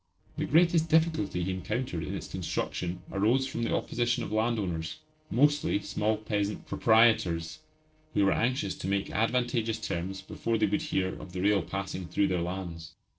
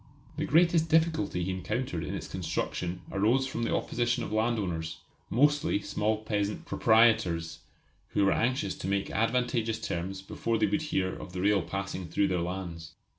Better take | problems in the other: second | noise reduction (neural separator model SepFormer DNS4)

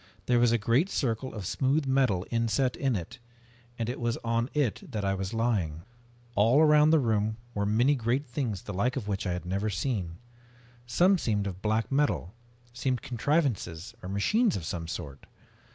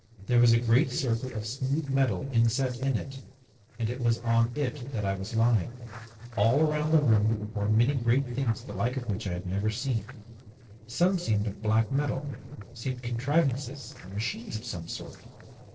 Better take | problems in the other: first | noise reduction (neural separator model SepFormer DNS4)

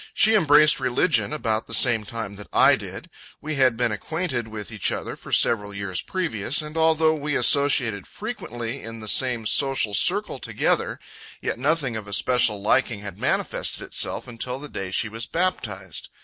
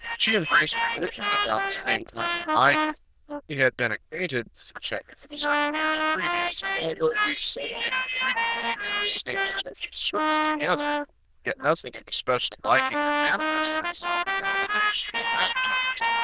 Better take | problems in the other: first | noise reduction (neural diffusion model UNIVERSE++)

